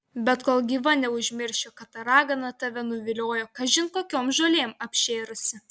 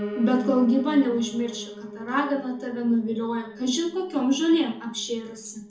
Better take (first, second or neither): first